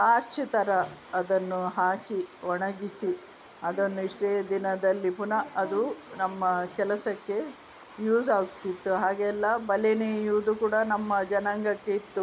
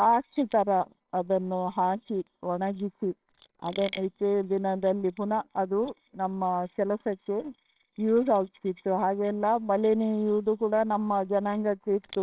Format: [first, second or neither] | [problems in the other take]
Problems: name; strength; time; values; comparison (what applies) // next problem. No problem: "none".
first | noise reduction (neural separator model SepFormer WHAMR!)